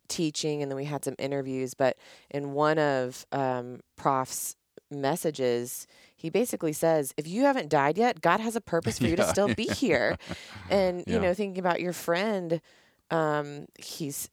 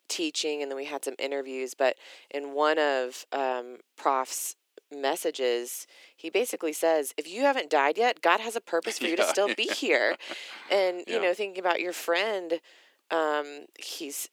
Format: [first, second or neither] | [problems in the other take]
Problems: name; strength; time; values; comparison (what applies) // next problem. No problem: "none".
first | thin; somewhat; fading below 300 Hz